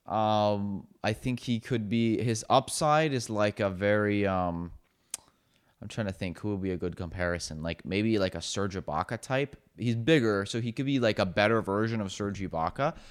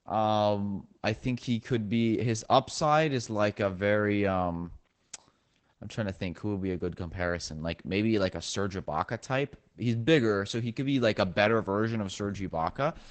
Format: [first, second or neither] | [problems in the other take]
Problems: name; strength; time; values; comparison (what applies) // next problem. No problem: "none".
first | garbled, watery; badly; nothing above 8 kHz